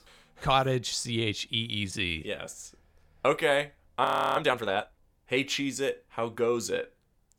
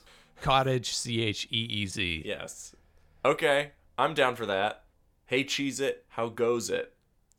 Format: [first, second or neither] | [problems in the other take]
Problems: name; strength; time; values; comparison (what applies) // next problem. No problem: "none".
second | audio freezing; at 4 s